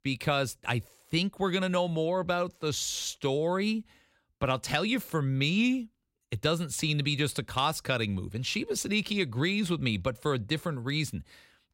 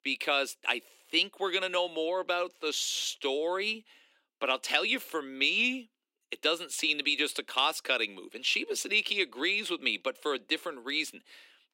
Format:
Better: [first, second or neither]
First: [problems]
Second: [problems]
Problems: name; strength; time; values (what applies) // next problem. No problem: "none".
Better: first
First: none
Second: thin; somewhat; fading below 300 Hz